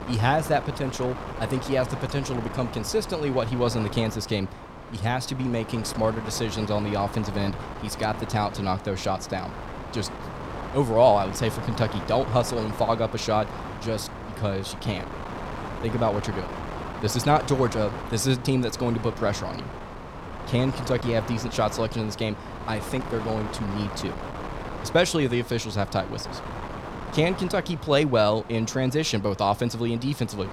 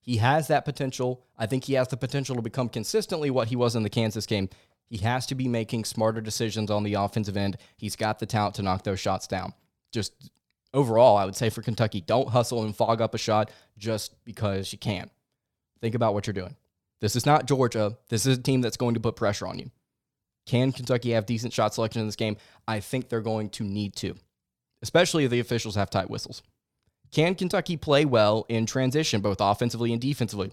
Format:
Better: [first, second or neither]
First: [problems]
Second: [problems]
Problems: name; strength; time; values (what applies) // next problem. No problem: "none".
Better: second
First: wind noise on the microphone; heavy; 9 dB below the speech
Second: none